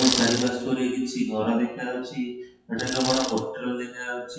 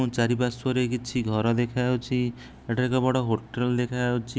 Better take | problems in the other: second | noise reduction (classical method WPE with log-MMSE)

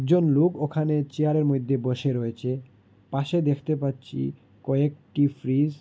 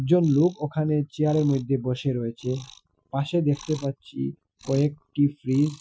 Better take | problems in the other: first | noise reduction (classical method Wiener filter)

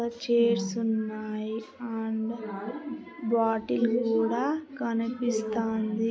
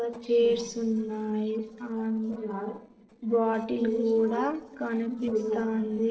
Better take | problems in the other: first | noise reduction (neural separator model SepFormer DNS4)

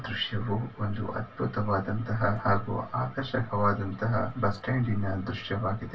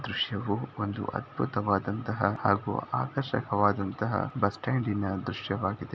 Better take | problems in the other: second | room echo; dies away in 0.2 s

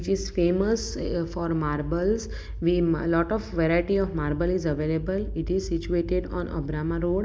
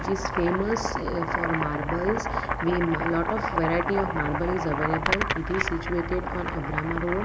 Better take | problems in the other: first | background sound (Boiling); 2 dB below the speech

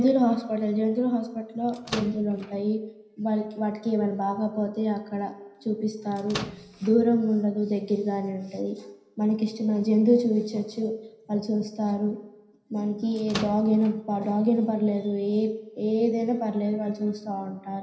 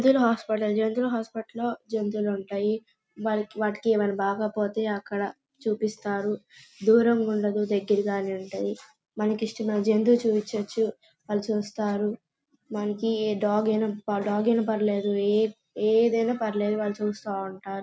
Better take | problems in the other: second | background sound (Microwave oven); 12 dB below the speech // room echo; dies away in 0.9 s

